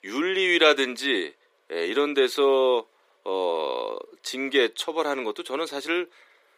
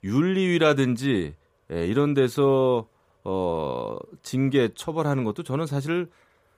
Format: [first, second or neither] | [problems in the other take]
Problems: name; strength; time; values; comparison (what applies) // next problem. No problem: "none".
second | thin; somewhat; fading below 350 Hz